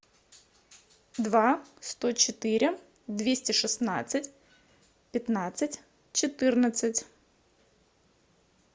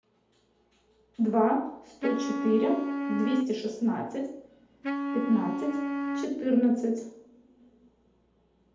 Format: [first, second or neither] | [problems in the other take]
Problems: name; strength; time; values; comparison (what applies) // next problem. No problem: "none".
first | background sound (Wind instrument, woodwind instrument); 4 dB below the speech // room echo; dies away in 2.1 s